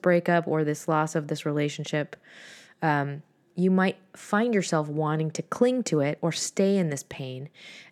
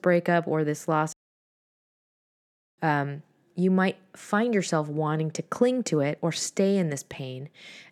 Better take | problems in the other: first | audio cutting out; at 1 s for 1.5 s

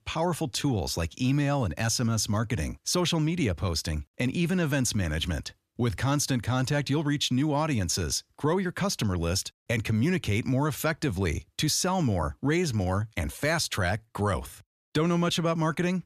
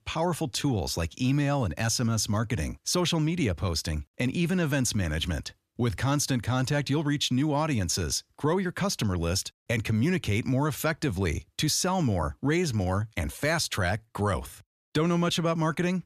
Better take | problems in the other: neither | none

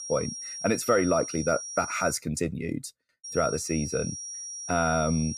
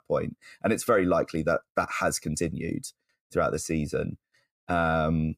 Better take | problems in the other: second | high-pitched whine; loud; until 2 s and from 3 s on; 5.5 kHz, 7 dB below the speech

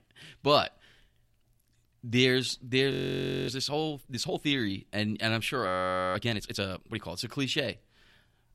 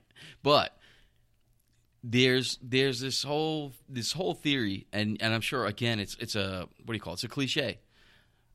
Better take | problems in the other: second | audio freezing; at 3 s for 0.5 s and at 5.5 s

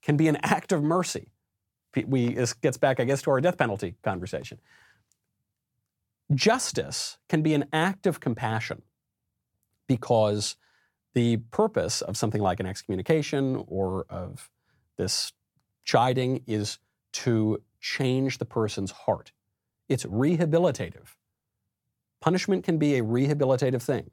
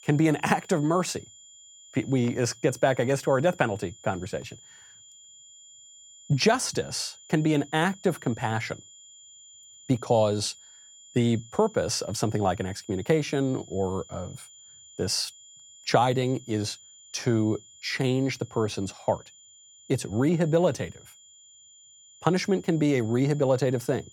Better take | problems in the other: first | high-pitched whine; faint; throughout; 7 kHz, 20 dB below the speech

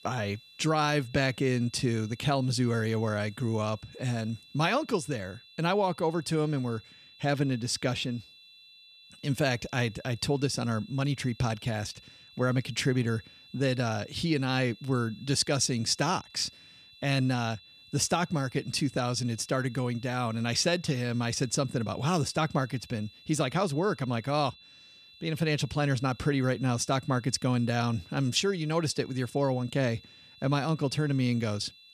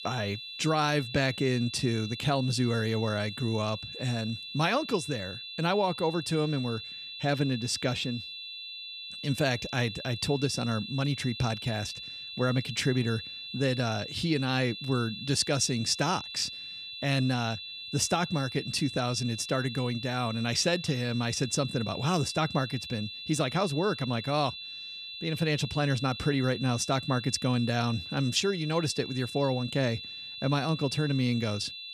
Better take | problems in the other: first | high-pitched whine; loud; throughout; 4 kHz, 9 dB below the speech; faint in the first

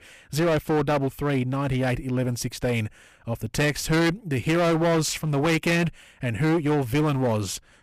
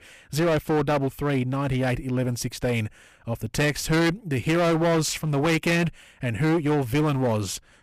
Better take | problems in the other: neither | distortion; heavy; 17% of the sound clipped; the same in both

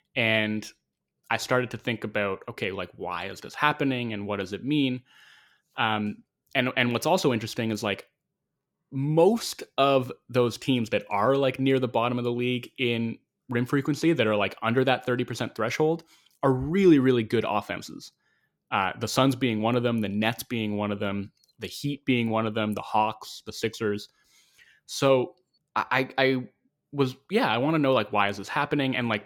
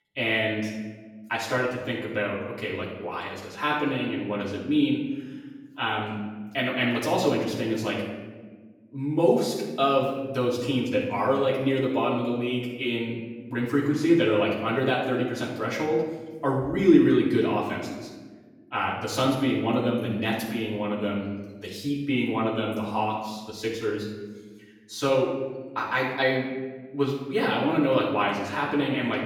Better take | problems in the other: first | off-mic speech; far // room echo; noticeable; dies away in 1.1 s

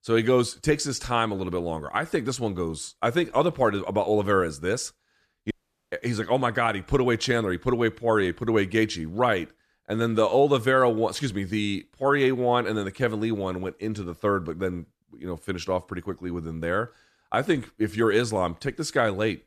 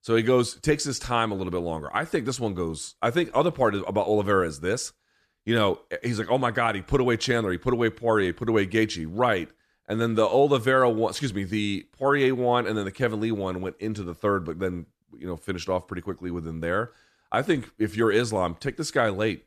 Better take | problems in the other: second | audio cutting out; at 5.5 s

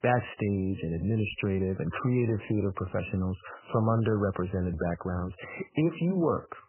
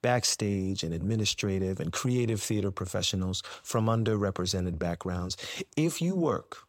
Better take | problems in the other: second | garbled, watery; badly; nothing above 3 kHz

